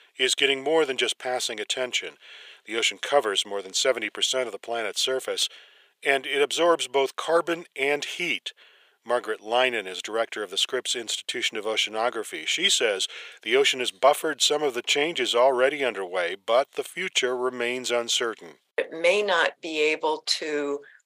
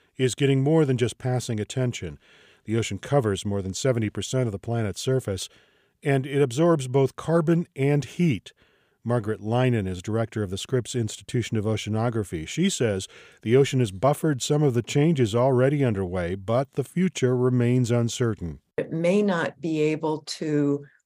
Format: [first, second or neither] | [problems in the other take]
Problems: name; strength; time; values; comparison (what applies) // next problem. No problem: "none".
second | thin; very; fading below 500 Hz